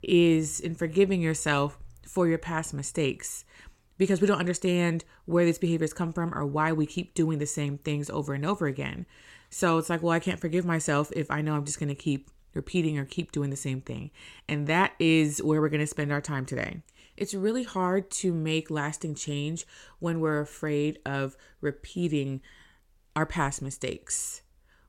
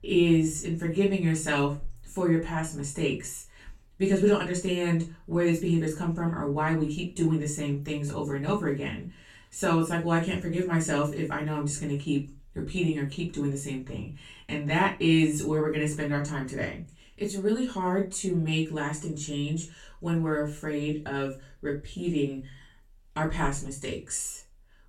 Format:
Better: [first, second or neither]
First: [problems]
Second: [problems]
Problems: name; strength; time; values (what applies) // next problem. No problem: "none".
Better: first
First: none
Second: off-mic speech; far // room echo; very slight; dies away in 0.2 s